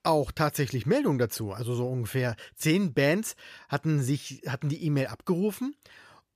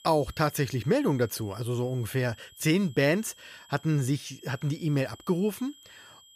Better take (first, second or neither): first